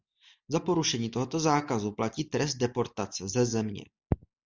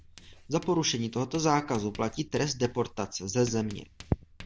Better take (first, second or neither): first